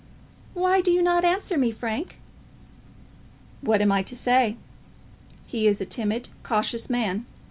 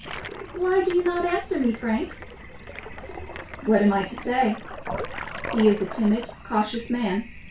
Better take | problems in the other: first | background sound (Toilet flush); 12 dB below the speech // room echo; dies away in 0.2 s

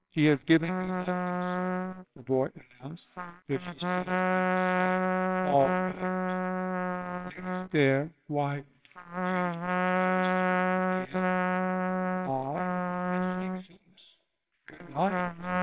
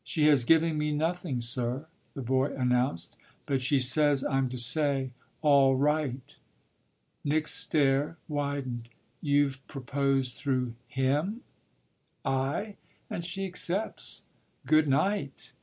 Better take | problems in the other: second | noise reduction (neural separator model SepFormer WHAMR!)

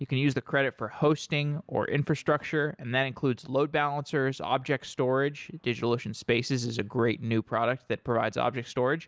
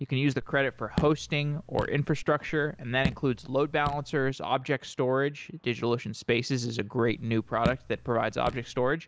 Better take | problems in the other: first | background sound (Raindrop / Drip); 9 dB below the speech

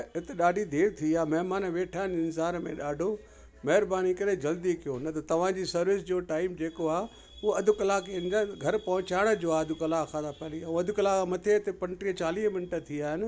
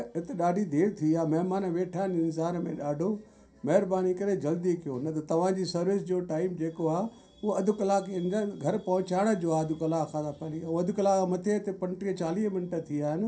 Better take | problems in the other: first | room echo; dies away in 0.3 s

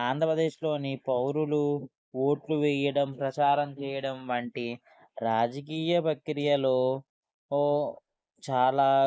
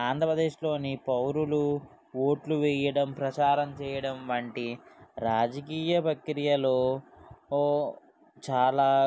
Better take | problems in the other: second | noise reduction (neural mask model Resemble Enhance denoiser)

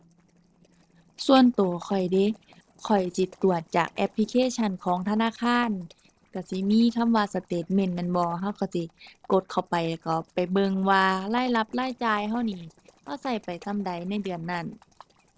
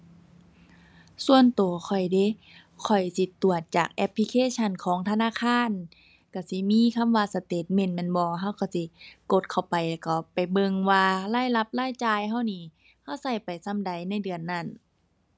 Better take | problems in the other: second | noise reduction (neural separator model SepFormer DNS4)

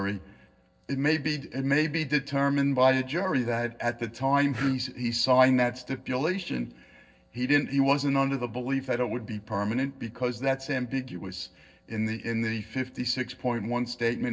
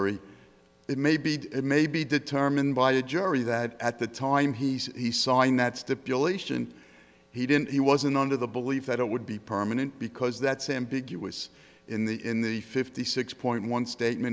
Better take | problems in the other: second | noise reduction (neural separator model SepFormer DNS4)

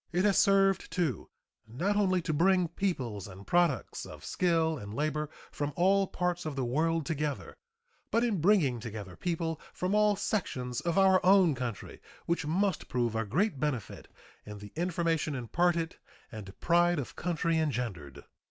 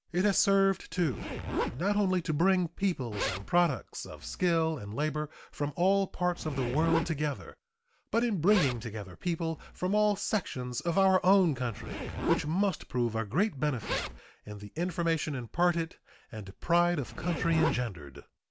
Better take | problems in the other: first | background sound (Zipper (clothing)); 10 dB below the speech

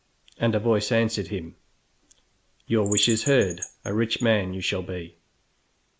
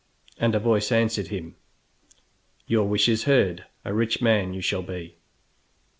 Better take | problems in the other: second | noise reduction (neural mask model Resemble Enhance denoiser)

